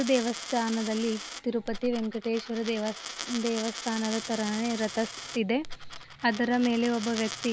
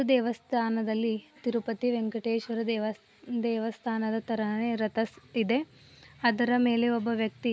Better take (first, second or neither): second